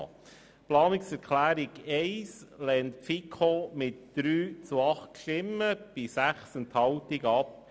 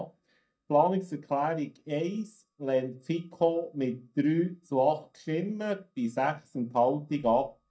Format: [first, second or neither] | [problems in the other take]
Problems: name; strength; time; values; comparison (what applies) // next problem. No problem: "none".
first | noise reduction (neural mask model DeepFilterNet 3)